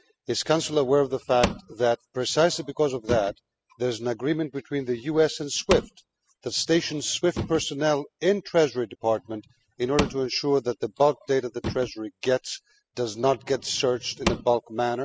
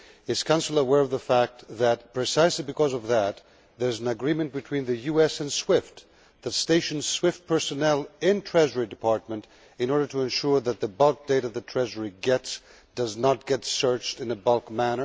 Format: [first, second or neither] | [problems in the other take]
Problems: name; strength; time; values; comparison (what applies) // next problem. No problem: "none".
second | noise reduction (classical method spectral subtraction)